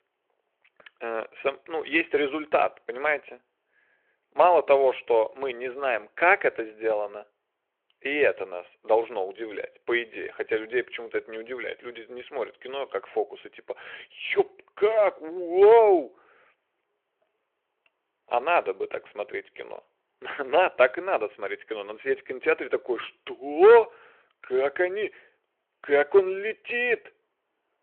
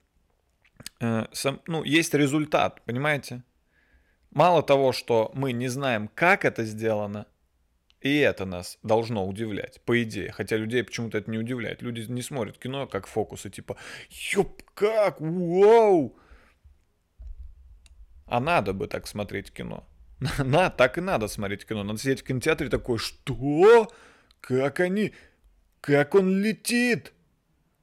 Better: second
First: phone-call audio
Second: none

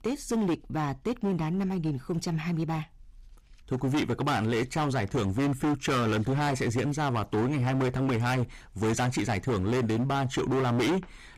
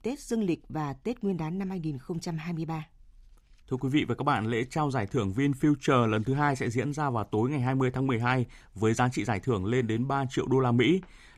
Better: second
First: distortion; heavy; 20% of the sound clipped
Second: none

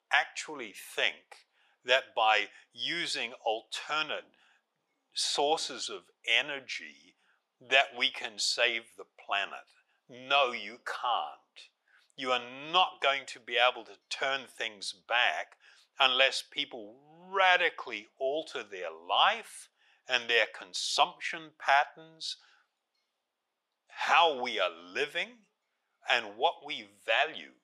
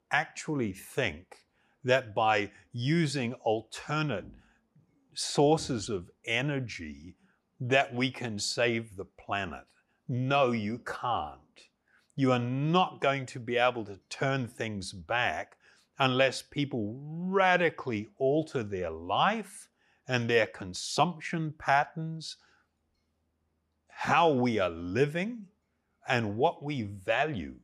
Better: second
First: thin; very; fading below 700 Hz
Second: none

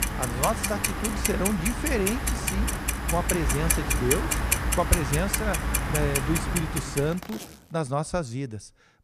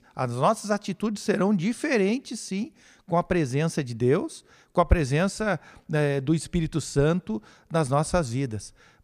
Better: second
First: household noises; very loud; until 7 s; 3 dB above the speech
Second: none

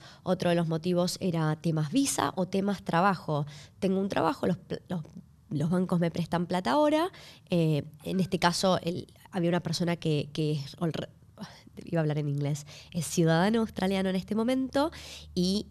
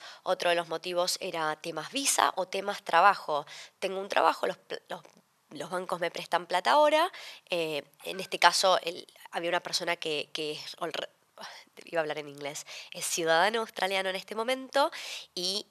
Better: first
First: none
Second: thin; very; fading below 700 Hz

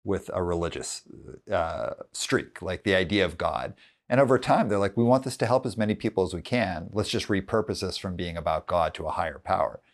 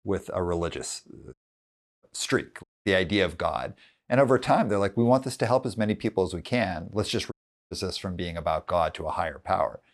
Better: first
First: none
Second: audio cutting out; at 1.5 s for 0.5 s, at 2.5 s and at 7.5 s

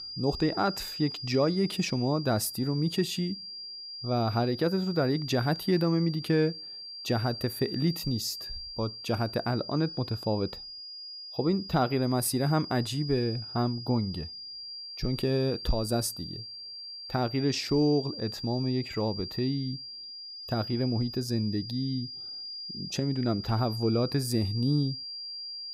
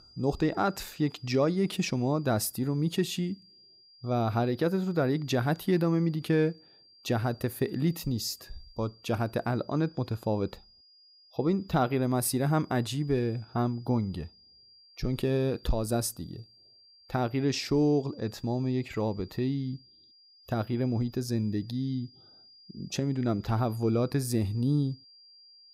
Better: second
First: high-pitched whine; loud; throughout; 4.5 kHz, 9 dB below the speech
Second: high-pitched whine; faint; throughout; 4.5 kHz, 25 dB below the speech

